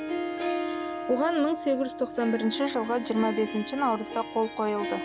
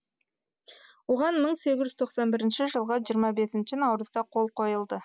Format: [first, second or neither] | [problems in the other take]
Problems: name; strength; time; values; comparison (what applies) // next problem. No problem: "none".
second | background sound (Harp); 6 dB below the speech